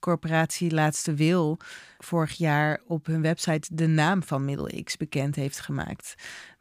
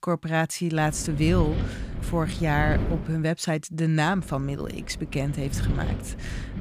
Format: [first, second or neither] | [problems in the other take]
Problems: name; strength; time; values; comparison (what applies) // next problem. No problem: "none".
first | wind noise on the microphone; occasional gusts; from 1 to 3 s and from 4 s on; 10 dB below the speech